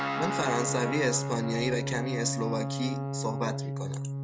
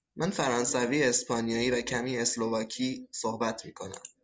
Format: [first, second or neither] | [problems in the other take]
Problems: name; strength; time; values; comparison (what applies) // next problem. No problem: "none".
second | background sound (Guitar); 1 dB below the speech